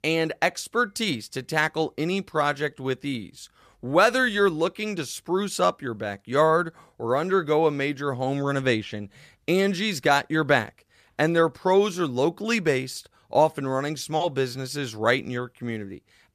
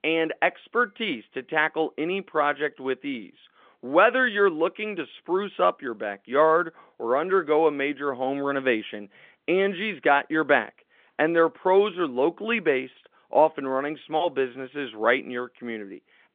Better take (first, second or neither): first